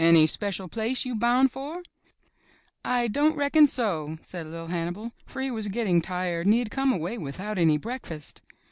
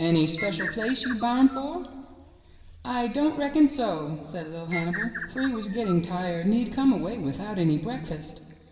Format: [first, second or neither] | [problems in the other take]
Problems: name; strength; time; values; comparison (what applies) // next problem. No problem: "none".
first | background sound (Bird); 14 dB below the speech // room echo; dies away in 1.6 s